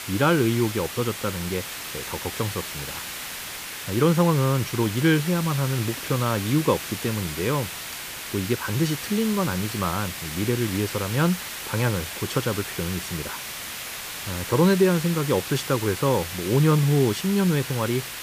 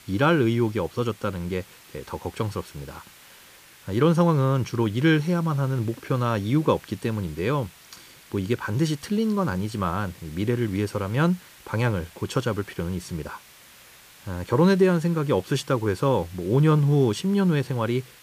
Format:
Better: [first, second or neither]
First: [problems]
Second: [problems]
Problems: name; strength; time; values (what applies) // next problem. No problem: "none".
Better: second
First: hiss; loud; throughout; 7 dB below the speech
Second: hiss; faint; throughout; 25 dB below the speech